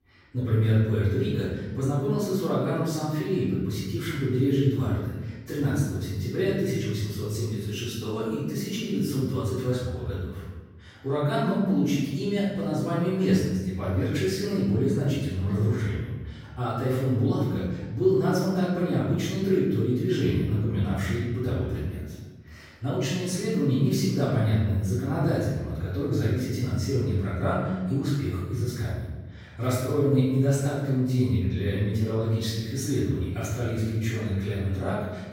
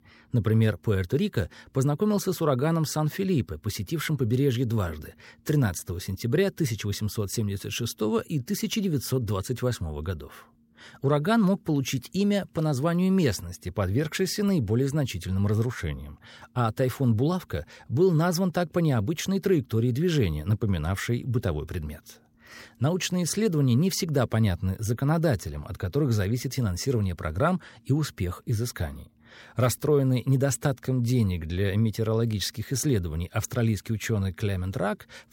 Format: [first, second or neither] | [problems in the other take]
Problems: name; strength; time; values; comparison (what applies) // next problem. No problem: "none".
second | off-mic speech; far // room echo; strong; dies away in 1.2 s